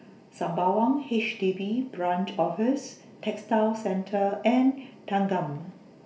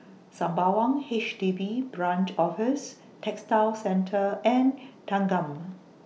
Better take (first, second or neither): second